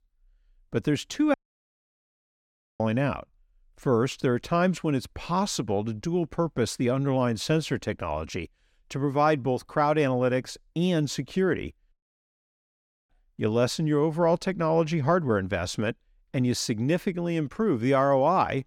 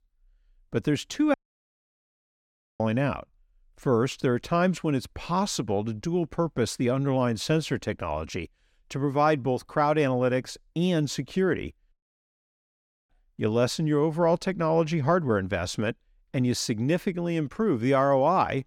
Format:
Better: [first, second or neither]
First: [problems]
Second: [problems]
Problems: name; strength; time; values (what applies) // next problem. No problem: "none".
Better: neither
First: audio cutting out; at 1.5 s for 1.5 s and at 12 s for 1 s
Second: audio cutting out; at 1.5 s for 1.5 s and at 12 s for 1 s